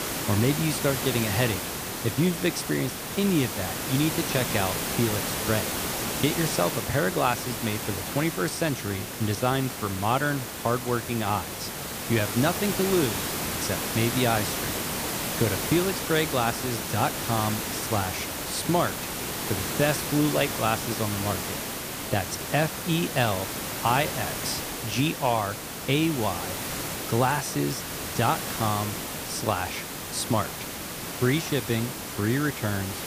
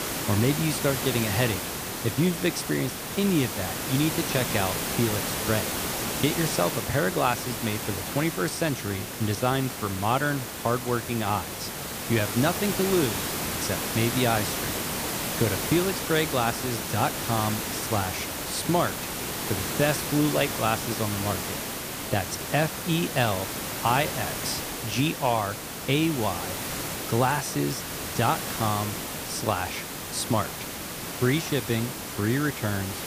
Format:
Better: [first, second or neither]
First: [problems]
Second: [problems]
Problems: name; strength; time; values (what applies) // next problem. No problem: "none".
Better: neither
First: hiss; loud; throughout; 3 dB below the speech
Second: hiss; loud; throughout; 3 dB below the speech